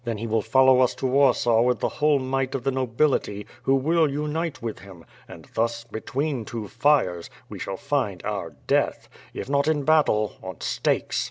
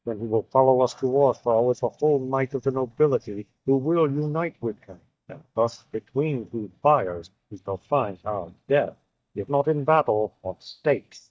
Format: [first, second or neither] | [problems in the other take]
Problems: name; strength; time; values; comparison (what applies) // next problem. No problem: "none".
first | noise reduction (neural mask model DeepFilterNet 3)